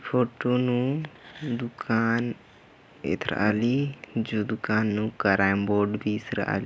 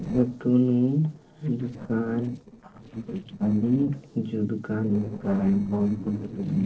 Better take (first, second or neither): first